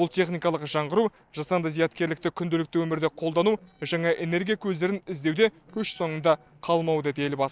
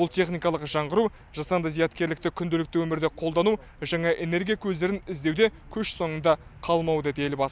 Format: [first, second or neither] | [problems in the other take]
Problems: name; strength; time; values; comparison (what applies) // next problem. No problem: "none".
second | noise reduction (neural separator model SepFormer DNS4)